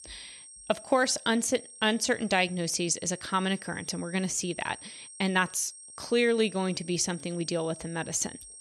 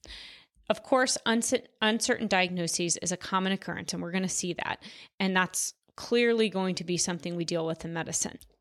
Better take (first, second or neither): second